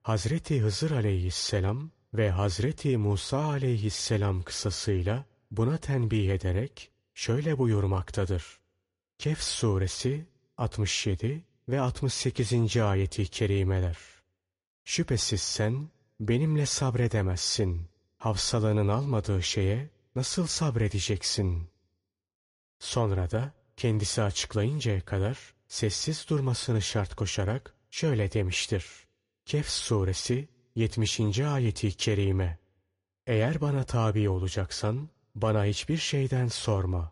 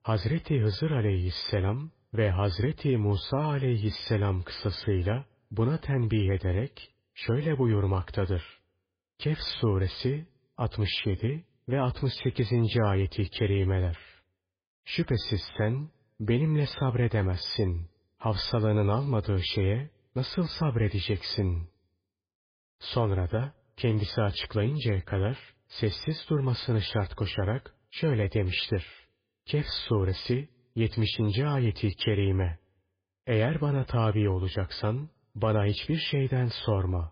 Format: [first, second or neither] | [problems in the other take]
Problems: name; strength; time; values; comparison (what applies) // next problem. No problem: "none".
first | garbled, watery; badly; nothing above 5 kHz; slightly in the first